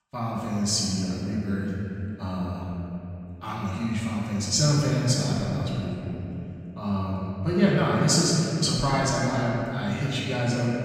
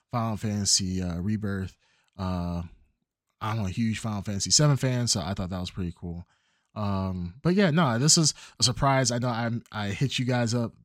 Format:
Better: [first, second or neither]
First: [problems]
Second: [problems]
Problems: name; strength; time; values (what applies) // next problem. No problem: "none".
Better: second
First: room echo; strong; dies away in 3 s // off-mic speech; far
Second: none